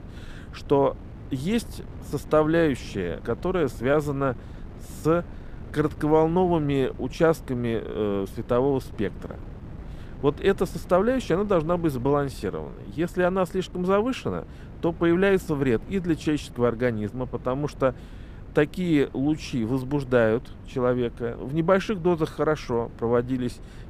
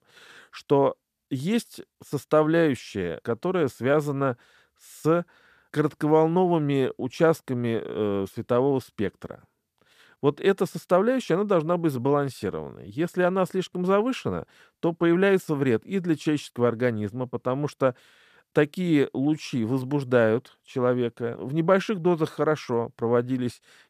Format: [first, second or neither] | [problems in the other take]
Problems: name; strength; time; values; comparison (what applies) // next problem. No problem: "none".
second | wind noise on the microphone; occasional gusts; 25 dB below the speech